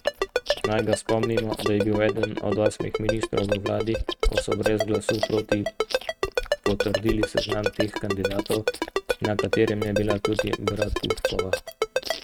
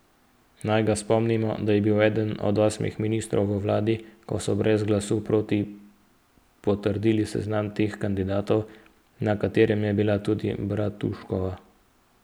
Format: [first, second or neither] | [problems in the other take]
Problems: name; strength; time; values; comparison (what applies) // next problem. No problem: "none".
second | noise reduction (neural mask model RNNoise)